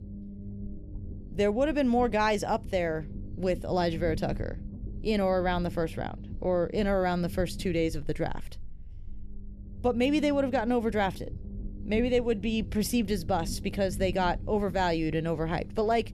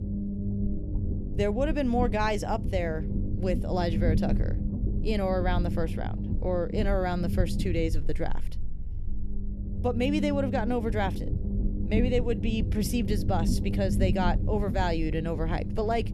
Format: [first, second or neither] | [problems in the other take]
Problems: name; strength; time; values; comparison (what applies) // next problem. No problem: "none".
first | low rumble; loud; throughout; 10 dB below the speech; faint in the first